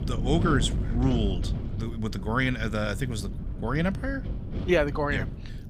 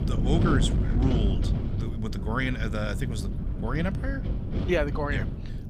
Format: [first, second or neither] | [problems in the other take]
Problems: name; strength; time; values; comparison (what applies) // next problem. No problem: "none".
first | wind noise on the microphone; heavy; 7 dB below the speech; occasional gusts in the first